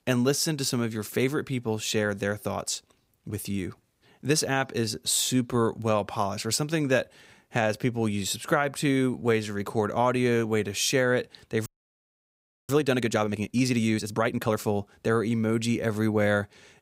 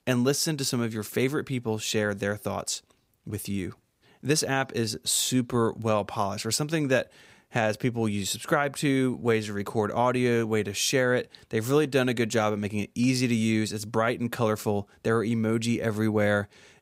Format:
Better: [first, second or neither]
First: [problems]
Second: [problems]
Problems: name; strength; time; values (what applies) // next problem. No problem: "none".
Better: second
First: audio freezing; at 12 s for 1 s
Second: none